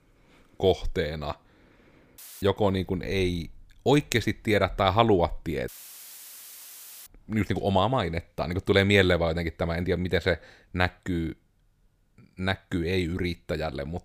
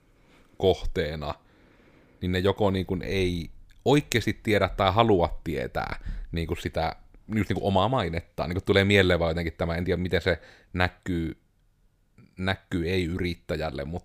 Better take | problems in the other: second | audio cutting out; filled with static; at 2 s and at 5.5 s for 1.5 s

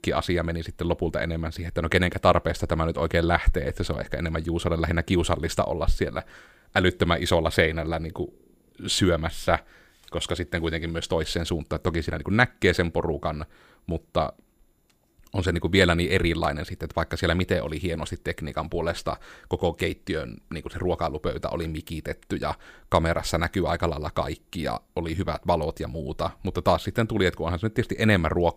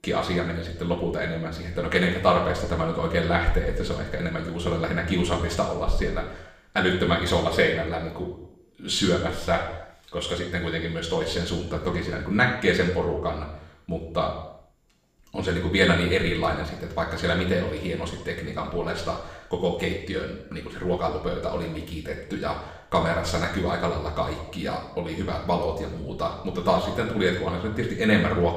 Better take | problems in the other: first | room echo; noticeable; dies away in 0.7 s // off-mic speech; far

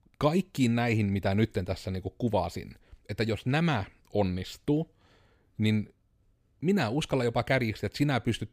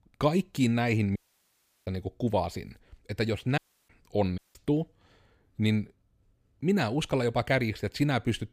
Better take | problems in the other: first | audio cutting out; at 1 s for 0.5 s, at 3.5 s and at 4.5 s

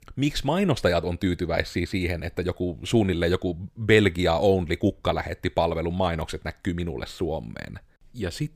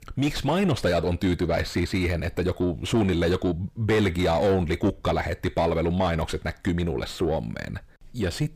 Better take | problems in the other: first | distortion; heavy; 7 dB below the speech

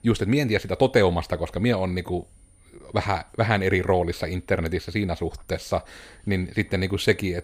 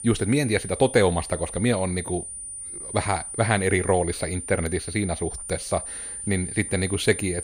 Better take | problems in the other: first | high-pitched whine; loud; throughout; 9.5 kHz, 8 dB below the speech; faint in the first

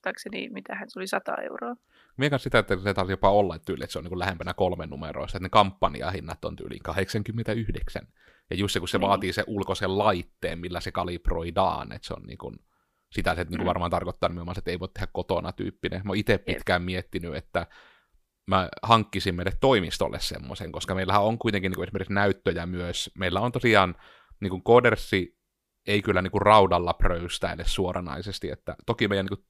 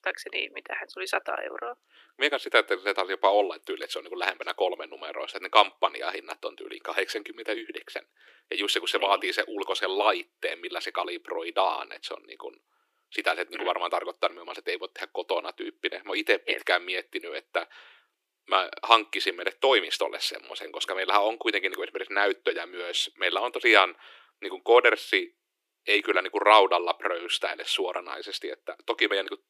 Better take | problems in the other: first | thin; very; fading below 300 Hz

